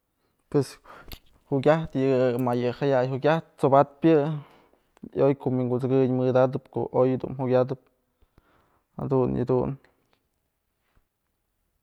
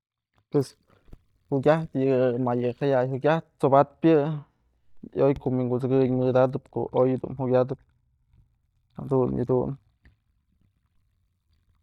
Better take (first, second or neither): first